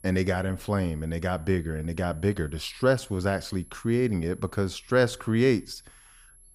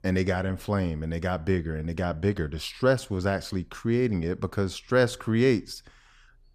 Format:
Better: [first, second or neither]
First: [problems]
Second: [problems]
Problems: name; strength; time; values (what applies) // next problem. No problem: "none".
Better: second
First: high-pitched whine; faint; throughout; 11 kHz, 25 dB below the speech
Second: none